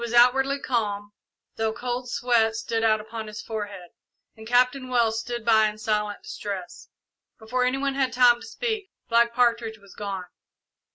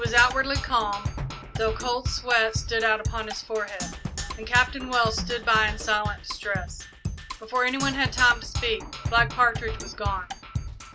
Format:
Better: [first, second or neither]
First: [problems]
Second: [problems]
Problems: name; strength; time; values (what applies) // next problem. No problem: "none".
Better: first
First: none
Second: background sound (Percussion); 7 dB below the speech